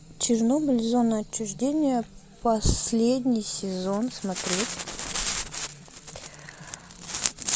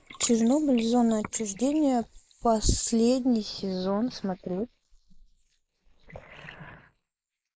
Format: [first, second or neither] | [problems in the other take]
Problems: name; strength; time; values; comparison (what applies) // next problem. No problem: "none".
first | noise reduction (neural mask model Resemble Enhance denoiser)